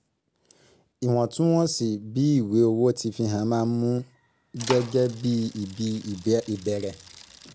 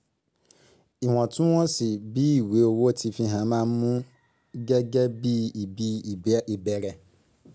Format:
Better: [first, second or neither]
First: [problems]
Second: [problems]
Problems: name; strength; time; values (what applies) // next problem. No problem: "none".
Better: second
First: background sound (Bicycle); 15 dB below the speech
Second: none